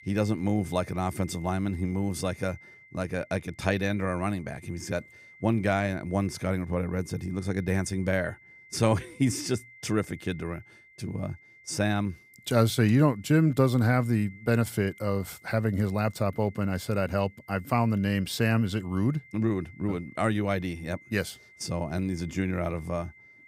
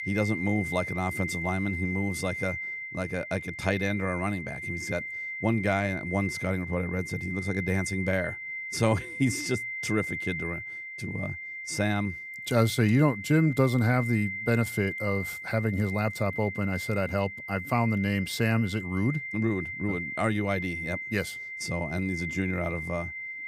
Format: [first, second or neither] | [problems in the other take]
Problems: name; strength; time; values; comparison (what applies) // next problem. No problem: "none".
first | high-pitched whine; loud; throughout; 2 kHz, 6 dB below the speech; faint in the first